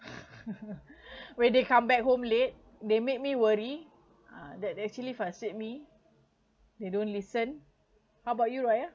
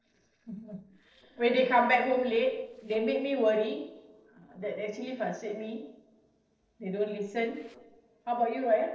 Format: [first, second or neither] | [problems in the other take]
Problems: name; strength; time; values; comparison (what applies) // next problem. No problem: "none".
first | noise reduction (neural separator model SepFormer DNS4)